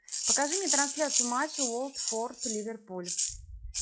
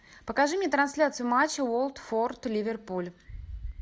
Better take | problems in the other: second | noise reduction (classical method log-MMSE)

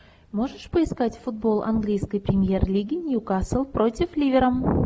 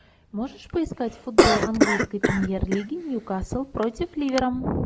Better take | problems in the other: first | background sound (Cough); 1 dB above the speech

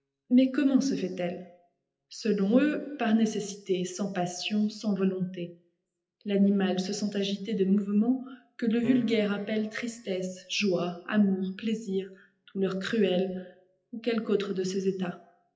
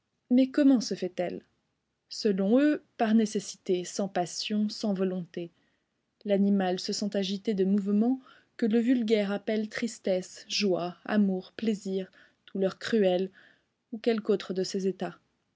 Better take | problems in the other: second | noise reduction (classical method WPE with log-MMSE)

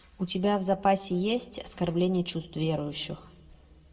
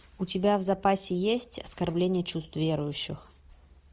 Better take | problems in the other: second | room echo; dies away in 1.4 s

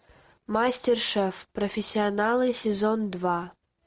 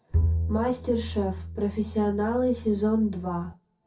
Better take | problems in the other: first | background sound (Bowed string instrument); 4 dB below the speech // room echo; dies away in 0.3 s

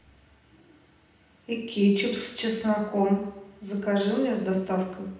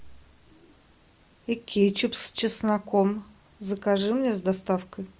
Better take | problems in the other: second | room echo; dies away in 0.8 s

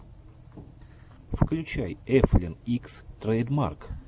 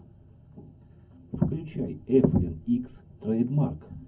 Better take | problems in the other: first | room echo; dies away in 0.3 s

